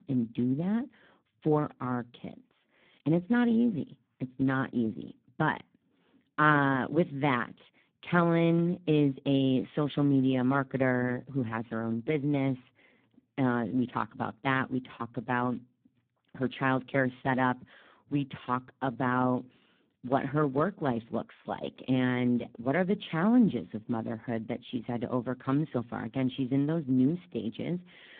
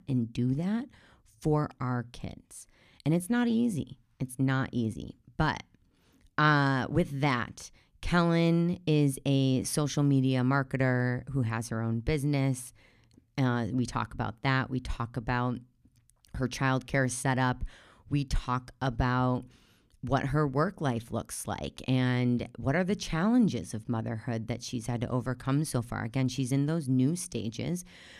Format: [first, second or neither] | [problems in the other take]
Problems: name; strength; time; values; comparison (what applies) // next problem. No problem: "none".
second | phone-call audio; poor line